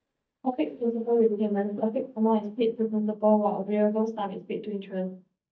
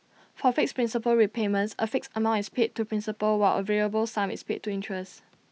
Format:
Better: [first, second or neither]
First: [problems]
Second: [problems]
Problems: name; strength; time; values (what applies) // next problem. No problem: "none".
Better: second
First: noise reduction (neural mask model DeepFilterNet 3)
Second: none